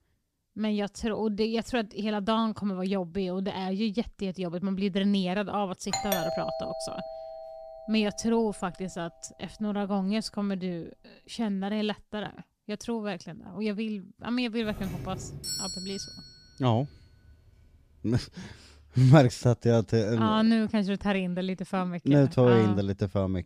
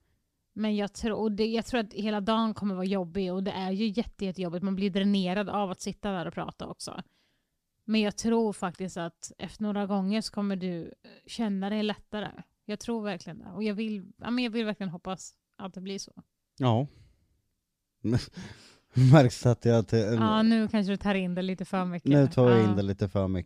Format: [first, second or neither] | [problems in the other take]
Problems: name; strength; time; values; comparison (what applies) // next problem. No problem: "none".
second | doorbell; noticeable; from 6 to 7.5 s and from 15 to 17 s; peak 2 dB below the speech